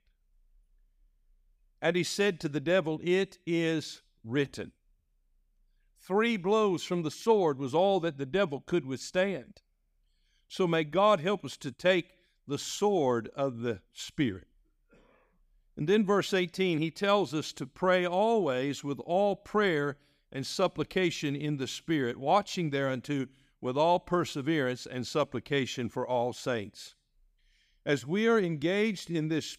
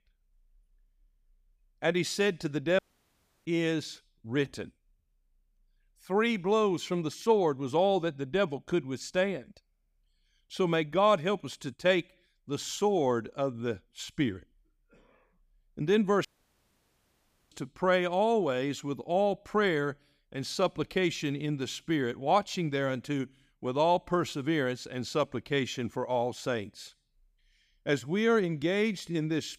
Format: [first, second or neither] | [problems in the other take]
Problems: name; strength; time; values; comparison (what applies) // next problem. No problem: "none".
first | audio cutting out; at 3 s for 0.5 s and at 16 s for 1.5 s